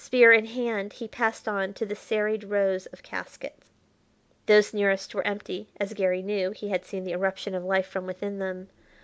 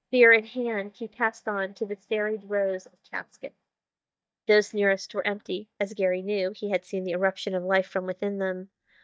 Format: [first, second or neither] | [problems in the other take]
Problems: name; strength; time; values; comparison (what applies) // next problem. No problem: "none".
first | noise reduction (neural mask model DeepFilterNet 3)